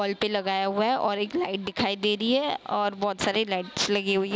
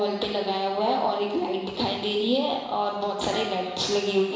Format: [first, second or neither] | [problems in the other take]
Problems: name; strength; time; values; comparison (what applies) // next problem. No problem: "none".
first | background sound (Dishes, pots, and pans); 19 dB below the speech // room echo; dies away in 1 s